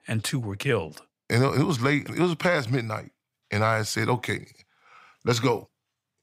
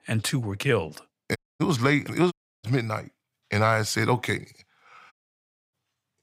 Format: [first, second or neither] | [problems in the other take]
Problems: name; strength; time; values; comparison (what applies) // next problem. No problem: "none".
first | audio cutting out; at 1.5 s, at 2.5 s and at 5 s for 0.5 s